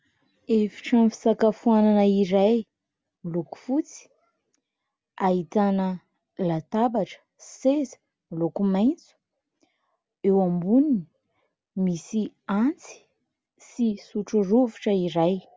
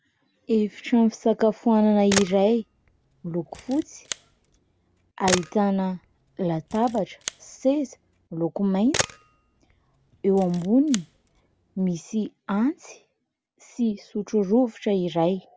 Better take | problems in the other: first | background sound (Camera); 11 dB below the speech

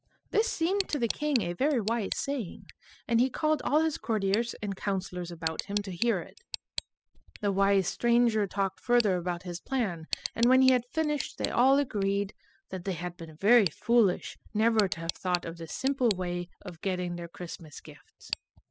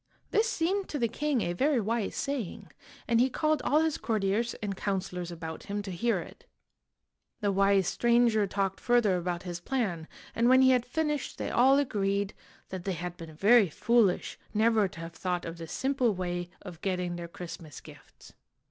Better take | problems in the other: second | noise reduction (classical method spectral subtraction)

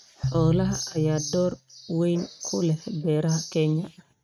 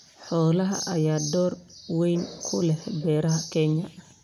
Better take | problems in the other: second | noise reduction (neural mask model RNNoise)

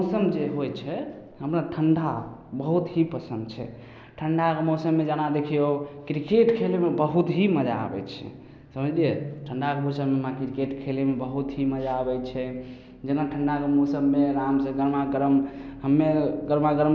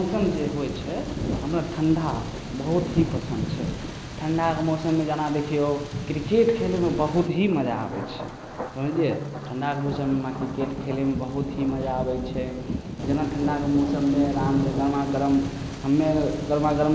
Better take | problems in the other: first | background sound (Thunder); 7 dB below the speech

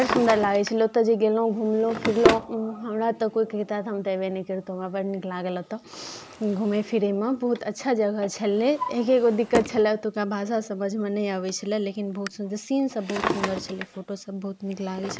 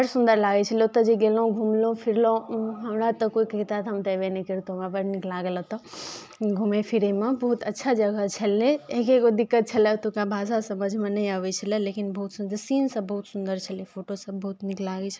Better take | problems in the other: second | background sound (Drawer open or close); 8 dB below the speech

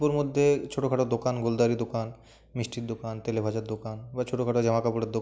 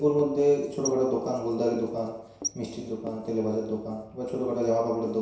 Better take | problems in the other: first | background sound (Writing); 16 dB below the speech // room echo; dies away in 0.7 s

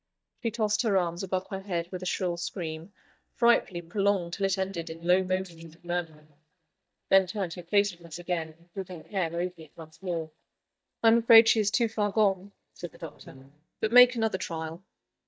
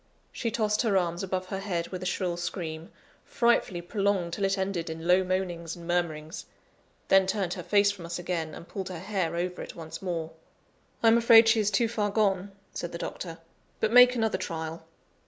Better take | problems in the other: second | noise reduction (neural mask model DeepFilterNet 3)

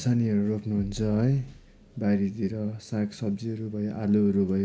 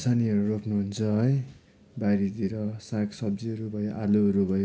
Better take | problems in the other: second | background sound (Bass drum); 19 dB below the speech

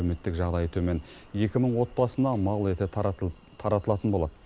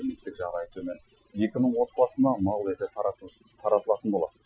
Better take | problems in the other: first | noise reduction (classical method Wiener filter)

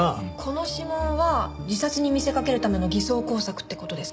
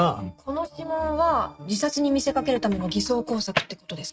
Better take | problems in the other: first | noise reduction (neural mask model RNNoise)

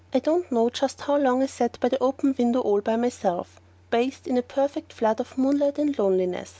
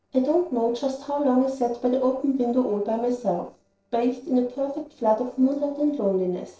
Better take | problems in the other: first | noise reduction (neural separator model SepFormer DNS4)

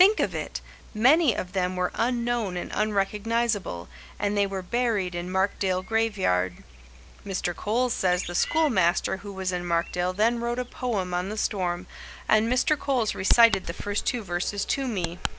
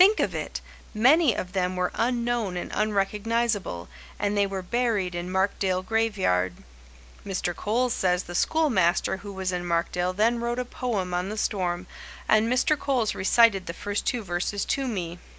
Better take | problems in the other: second | background sound (Bird + Bird vocalization, bird call, bird song); 12 dB below the speech

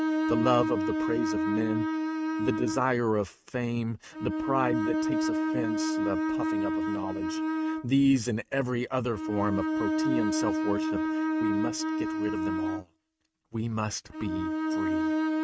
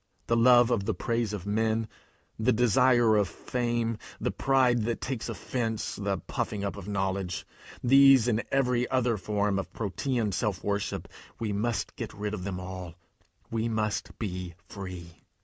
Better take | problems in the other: second | noise reduction (neural mask model RNNoise)

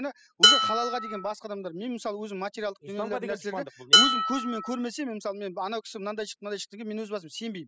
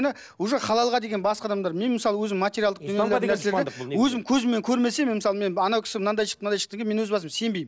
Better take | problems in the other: second | noise reduction (classical method spectral subtraction)

